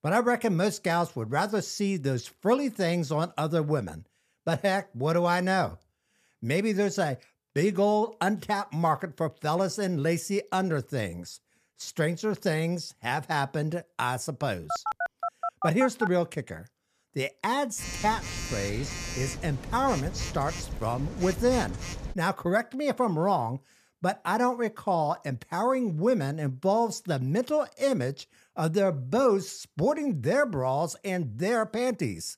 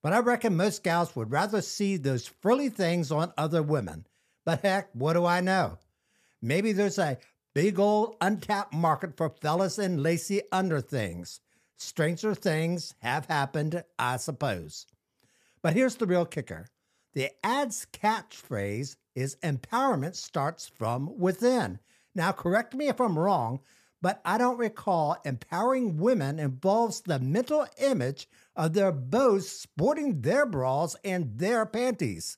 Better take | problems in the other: second | phone ringing; noticeable; from 15 to 22 s; peak 3 dB below the speech

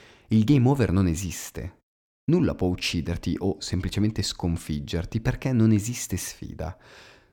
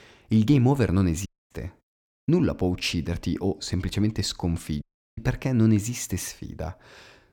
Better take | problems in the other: first | audio cutting out; at 1.5 s and at 5 s

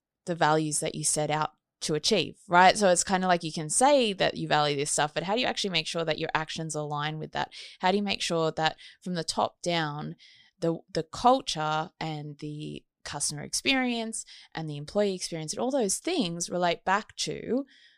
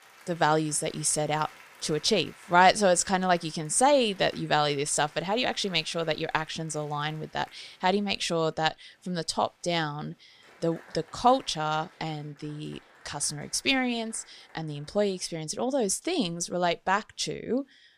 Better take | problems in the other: first | crowd noise; faint; throughout; 25 dB below the speech

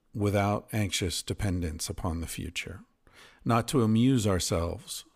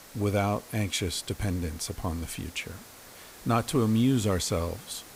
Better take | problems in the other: first | hiss; noticeable; throughout; 20 dB below the speech

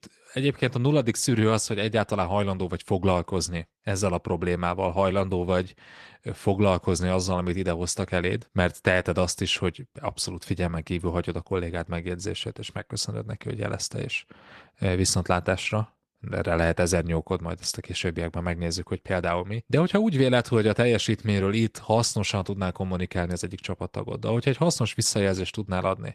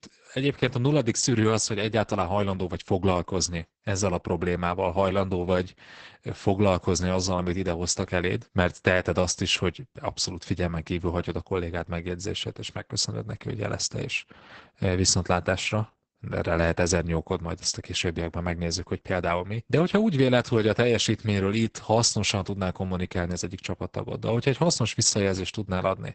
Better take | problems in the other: first | garbled, watery; badly; nothing above 8 kHz; slightly in the first

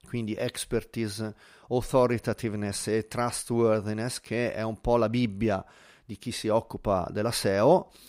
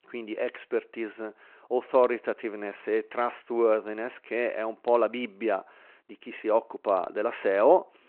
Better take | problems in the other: first | phone-call audio

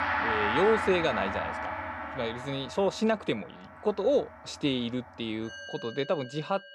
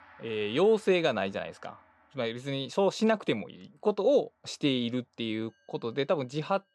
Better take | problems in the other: second | background music; loud; throughout; 2 dB below the speech; faint in the second

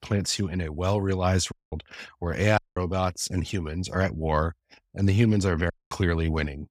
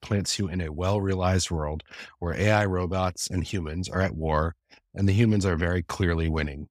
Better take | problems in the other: second | audio cutting out; at 1.5 s, at 2.5 s and at 5.5 s

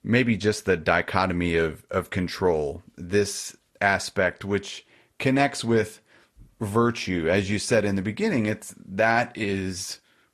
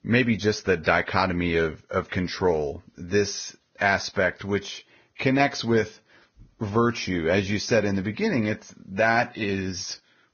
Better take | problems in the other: first | garbled, watery; badly; nothing above 6.5 kHz; slightly in the first

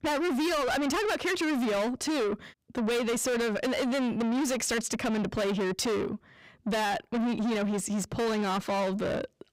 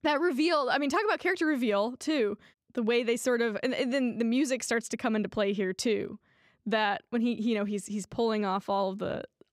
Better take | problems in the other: second | distortion; heavy; 6 dB below the speech

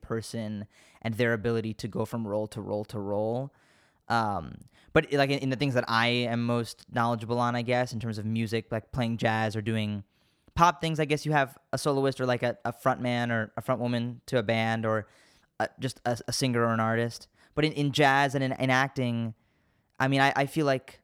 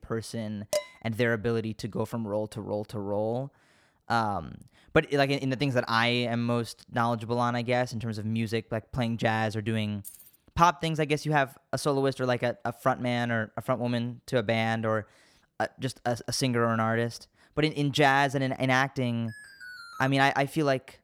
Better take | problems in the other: first | clattering dishes; noticeable; at 0.5 s; peak 4 dB below the speech // jangling keys; faint; at 10 s; peak 15 dB below the speech // alarm; faint; at 19 s; peak 15 dB below the speech

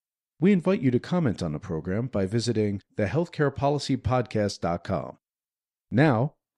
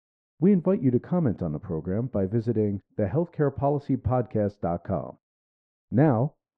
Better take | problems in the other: first | muffled; very; fading above 2.5 kHz

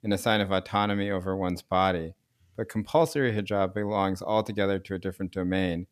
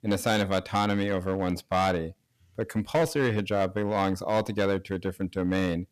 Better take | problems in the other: first | distortion; slight; 5% of the sound clipped

